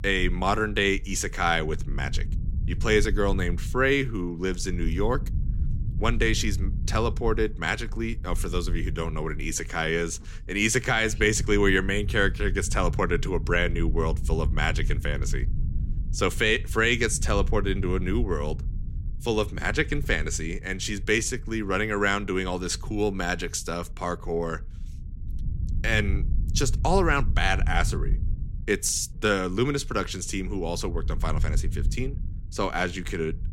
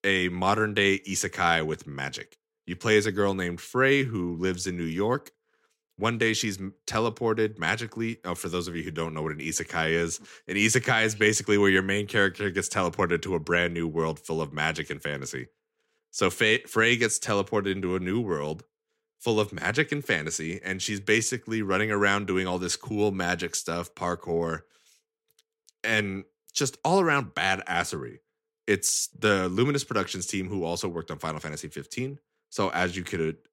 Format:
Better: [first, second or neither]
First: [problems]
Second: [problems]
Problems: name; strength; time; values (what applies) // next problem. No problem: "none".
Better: second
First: low rumble; faint; throughout; 20 dB below the speech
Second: none